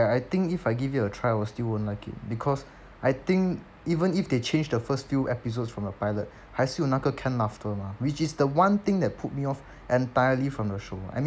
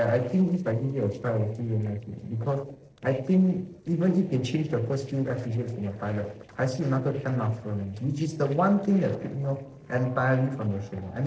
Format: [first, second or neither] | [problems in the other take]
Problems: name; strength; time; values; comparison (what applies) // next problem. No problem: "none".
first | noise reduction (neural separator model SepFormer DNS4)